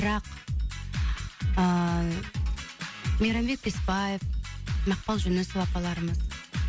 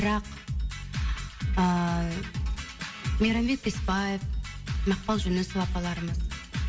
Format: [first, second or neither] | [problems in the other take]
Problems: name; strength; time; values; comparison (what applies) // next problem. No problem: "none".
first | room echo; dies away in 1.1 s